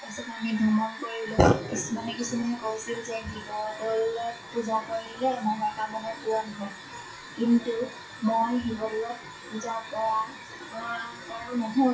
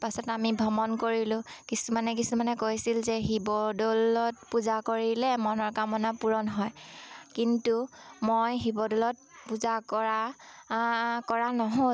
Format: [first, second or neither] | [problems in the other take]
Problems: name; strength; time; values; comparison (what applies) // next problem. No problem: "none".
second | noise reduction (classical method WPE with log-MMSE)